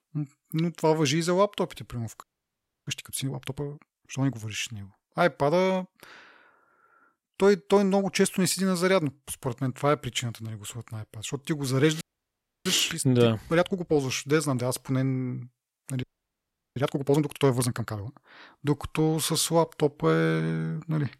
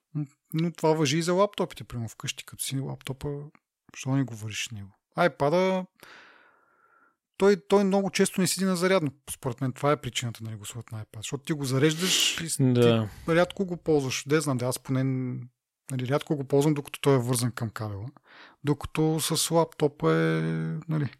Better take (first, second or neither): second